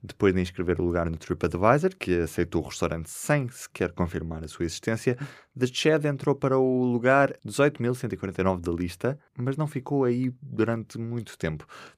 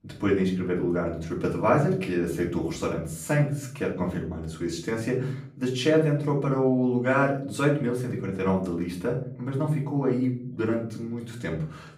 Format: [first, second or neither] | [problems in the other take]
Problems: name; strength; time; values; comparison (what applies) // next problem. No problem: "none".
first | off-mic speech; far // room echo; slight; dies away in 0.5 s